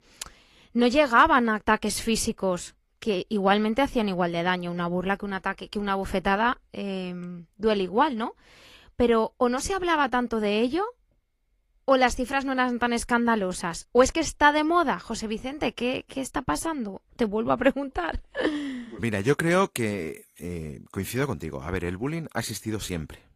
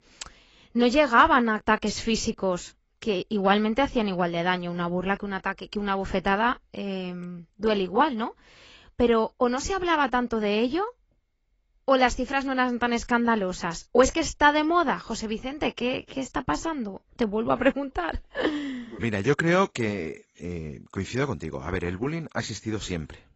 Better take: first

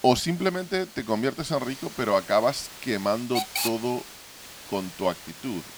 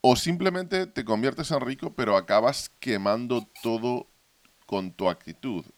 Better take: second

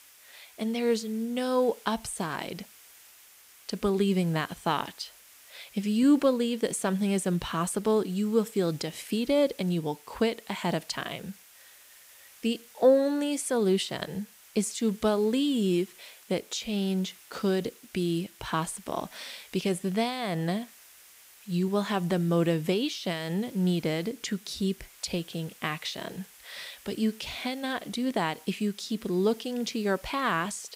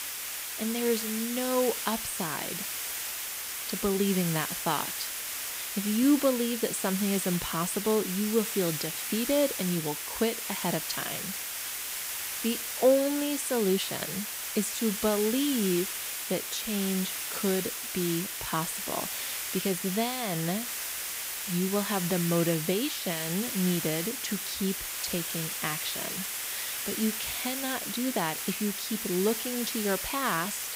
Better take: first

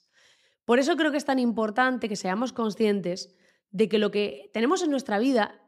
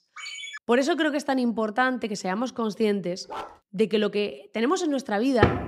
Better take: first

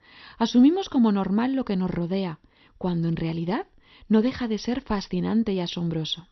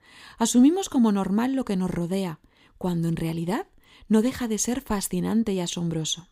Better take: second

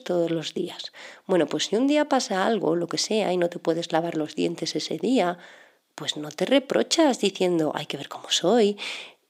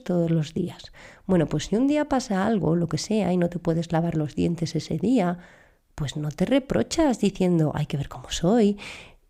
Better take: second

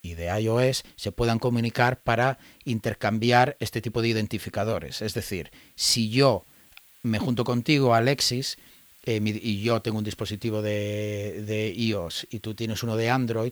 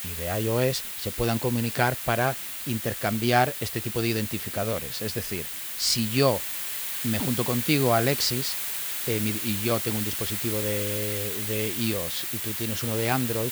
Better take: first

